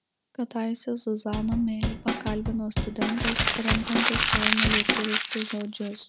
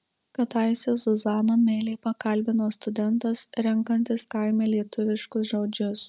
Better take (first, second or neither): second